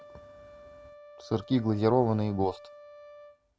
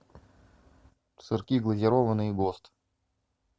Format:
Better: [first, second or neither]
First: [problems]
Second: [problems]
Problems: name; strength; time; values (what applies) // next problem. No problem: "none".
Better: second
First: background sound (Brass instrument); 20 dB below the speech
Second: none